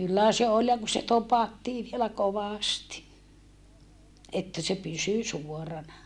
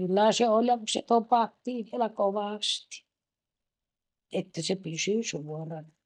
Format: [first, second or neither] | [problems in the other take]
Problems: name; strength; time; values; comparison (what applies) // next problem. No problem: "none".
first | noise reduction (neural mask model DeepFilterNet 3)